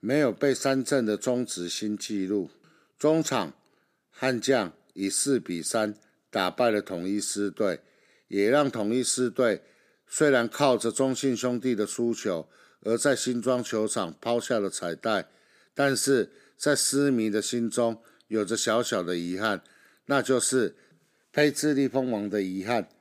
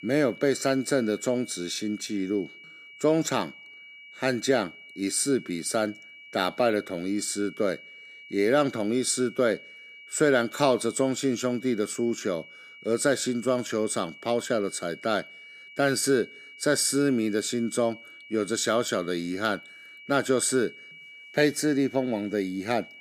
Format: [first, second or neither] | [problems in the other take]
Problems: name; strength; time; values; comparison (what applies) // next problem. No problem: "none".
first | high-pitched whine; noticeable; throughout; 2.5 kHz, 20 dB below the speech